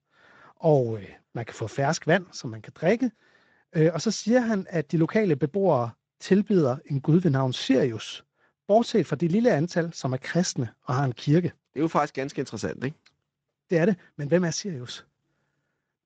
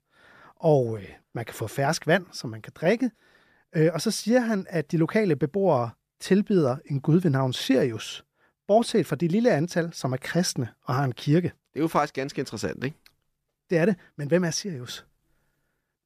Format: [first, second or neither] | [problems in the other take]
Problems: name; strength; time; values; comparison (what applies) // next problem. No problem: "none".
second | garbled, watery; slightly